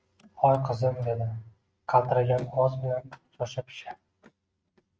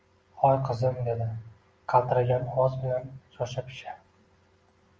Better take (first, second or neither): second